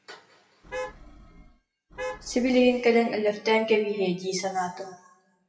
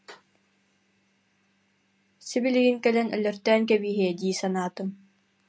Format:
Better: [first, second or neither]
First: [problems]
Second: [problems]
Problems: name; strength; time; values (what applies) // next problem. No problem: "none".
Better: second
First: noise reduction (classical method WPE with log-MMSE)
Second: none